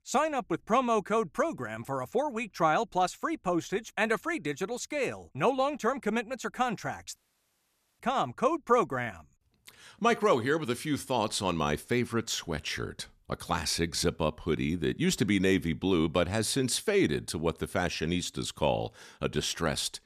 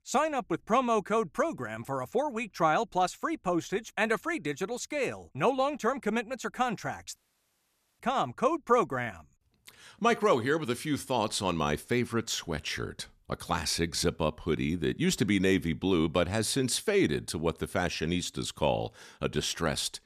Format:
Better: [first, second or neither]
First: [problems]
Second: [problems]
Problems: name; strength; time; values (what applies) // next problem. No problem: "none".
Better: neither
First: audio cutting out; at 7 s for 1 s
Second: audio cutting out; at 7 s for 1 s